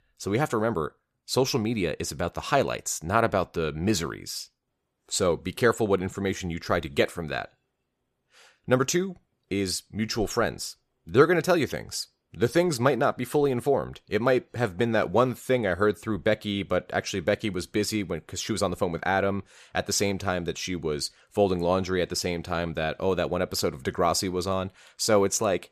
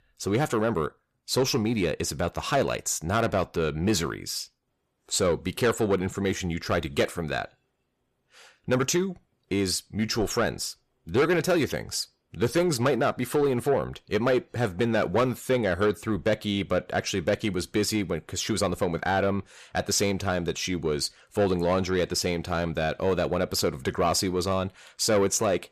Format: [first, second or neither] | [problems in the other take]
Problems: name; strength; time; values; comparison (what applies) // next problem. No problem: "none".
first | distortion; slight; 10 dB below the speech